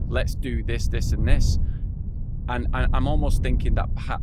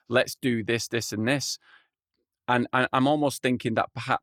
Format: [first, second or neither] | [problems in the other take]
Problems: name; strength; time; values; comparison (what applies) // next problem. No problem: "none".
second | wind noise on the microphone; occasional gusts; 10 dB below the speech